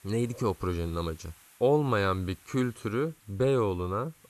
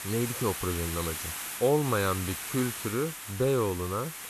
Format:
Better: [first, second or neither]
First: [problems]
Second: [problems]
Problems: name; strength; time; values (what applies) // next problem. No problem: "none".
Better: first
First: hiss; faint; throughout; 25 dB below the speech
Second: hiss; loud; throughout; 5 dB below the speech